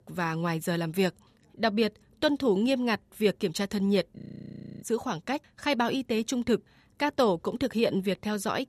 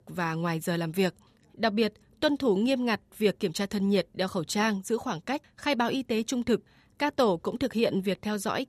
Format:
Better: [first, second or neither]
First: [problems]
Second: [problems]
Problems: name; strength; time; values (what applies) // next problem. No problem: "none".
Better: second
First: audio freezing; at 4 s for 0.5 s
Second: none